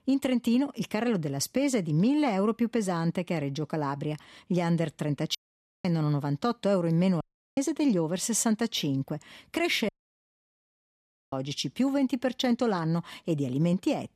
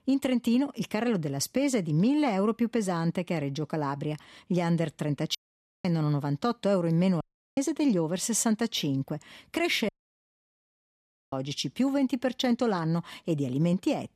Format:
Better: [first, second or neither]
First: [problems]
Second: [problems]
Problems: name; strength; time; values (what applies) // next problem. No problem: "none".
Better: neither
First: audio cutting out; at 5.5 s, at 7 s and at 10 s for 1.5 s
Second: audio cutting out; at 5.5 s, at 7 s and at 10 s for 1.5 s